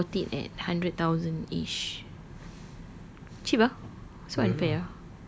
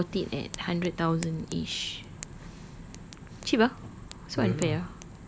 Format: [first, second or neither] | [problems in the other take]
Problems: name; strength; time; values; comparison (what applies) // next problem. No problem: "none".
first | background sound (Fire); 18 dB below the speech